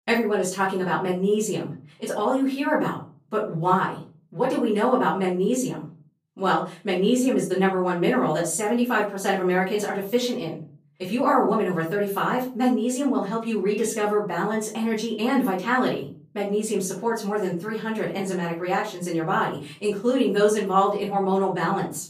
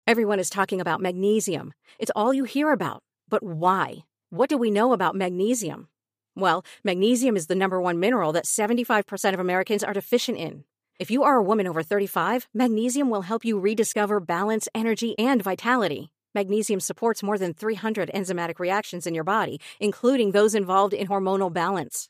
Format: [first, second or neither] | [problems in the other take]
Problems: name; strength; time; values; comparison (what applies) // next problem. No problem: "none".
second | off-mic speech; far // room echo; slight; dies away in 0.4 s